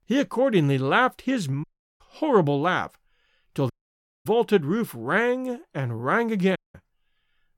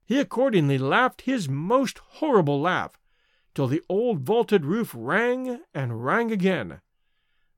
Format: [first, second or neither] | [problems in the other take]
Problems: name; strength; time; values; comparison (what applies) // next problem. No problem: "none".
second | audio cutting out; at 1.5 s, at 3.5 s for 0.5 s and at 6.5 s